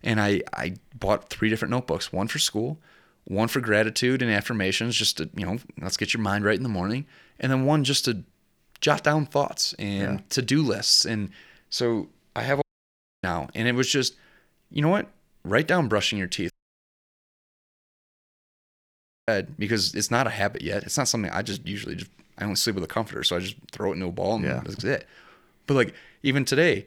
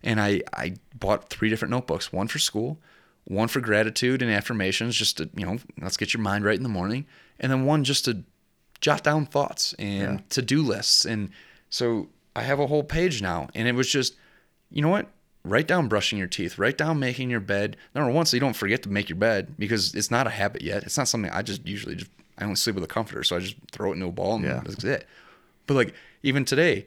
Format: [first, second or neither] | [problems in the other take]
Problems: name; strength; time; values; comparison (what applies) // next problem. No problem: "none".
second | audio cutting out; at 13 s for 0.5 s and at 17 s for 3 s